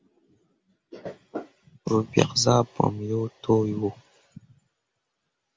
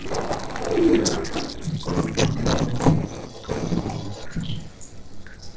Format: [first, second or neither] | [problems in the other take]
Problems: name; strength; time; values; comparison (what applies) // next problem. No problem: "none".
first | noise reduction (neural separator model SepFormer DNS4)